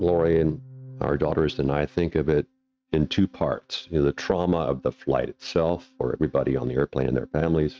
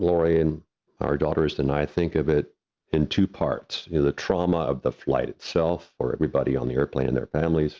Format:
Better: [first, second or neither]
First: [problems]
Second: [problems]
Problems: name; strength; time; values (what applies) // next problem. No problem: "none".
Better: second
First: noise reduction (neural mask model RNNoise)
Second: none